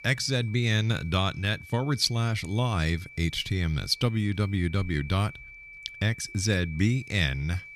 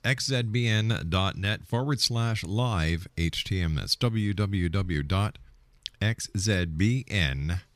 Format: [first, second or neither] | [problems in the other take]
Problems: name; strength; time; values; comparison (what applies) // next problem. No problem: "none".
second | high-pitched whine; noticeable; throughout; 2.5 kHz, 15 dB below the speech